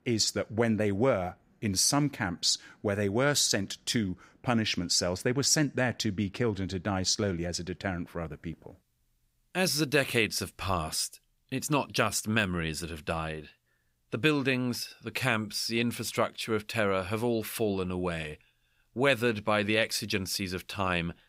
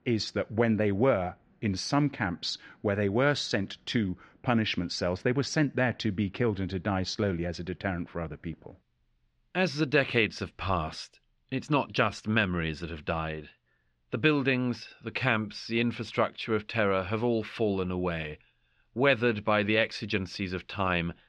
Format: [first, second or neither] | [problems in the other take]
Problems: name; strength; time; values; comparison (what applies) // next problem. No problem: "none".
first | muffled; slightly; fading above 3.5 kHz